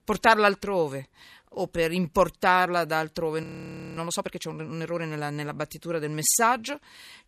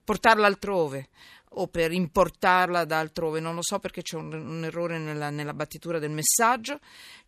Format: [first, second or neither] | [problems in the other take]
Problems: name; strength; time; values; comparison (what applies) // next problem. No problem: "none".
second | audio freezing; at 3.5 s for 0.5 s